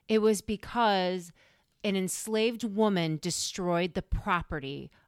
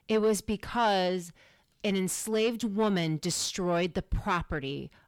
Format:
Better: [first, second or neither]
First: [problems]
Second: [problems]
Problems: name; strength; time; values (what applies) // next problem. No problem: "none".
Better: first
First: none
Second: distortion; slight; 10 dB below the speech